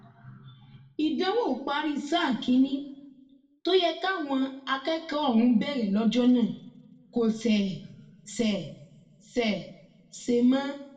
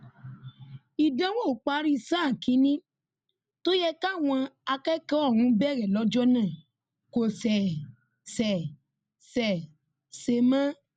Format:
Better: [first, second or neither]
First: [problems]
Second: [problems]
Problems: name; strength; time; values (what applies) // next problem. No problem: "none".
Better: second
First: room echo; dies away in 0.6 s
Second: none